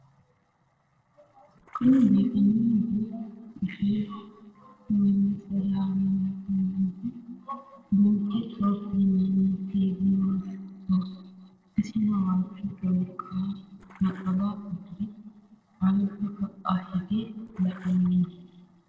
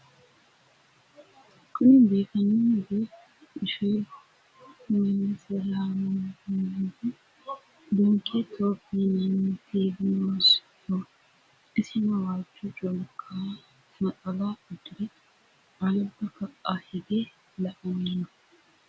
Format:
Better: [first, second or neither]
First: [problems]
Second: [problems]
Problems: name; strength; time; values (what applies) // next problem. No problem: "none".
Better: second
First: noise reduction (neural separator model SepFormer DNS4)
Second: none